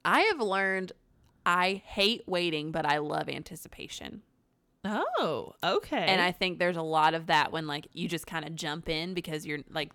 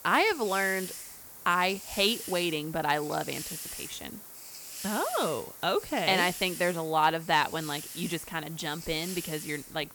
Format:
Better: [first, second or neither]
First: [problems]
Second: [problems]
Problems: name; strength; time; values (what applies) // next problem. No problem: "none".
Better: first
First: none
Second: hiss; noticeable; throughout; 10 dB below the speech